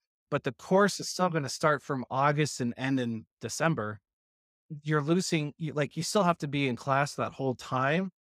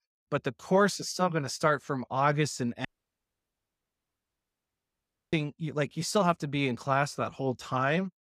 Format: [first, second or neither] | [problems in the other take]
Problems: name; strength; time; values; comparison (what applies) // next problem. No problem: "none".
first | audio cutting out; at 3 s for 2.5 s